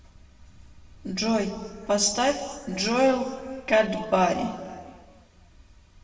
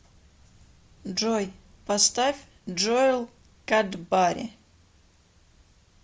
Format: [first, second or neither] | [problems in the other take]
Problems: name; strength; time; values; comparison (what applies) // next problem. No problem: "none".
second | room echo; dies away in 1.8 s